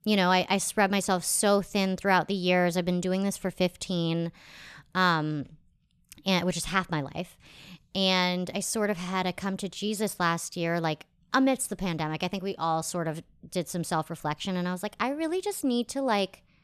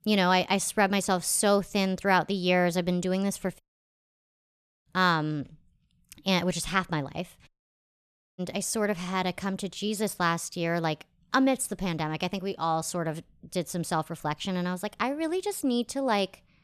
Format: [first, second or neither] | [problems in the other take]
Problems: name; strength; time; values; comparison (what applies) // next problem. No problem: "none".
first | audio cutting out; at 3.5 s for 1 s and at 7.5 s for 1 s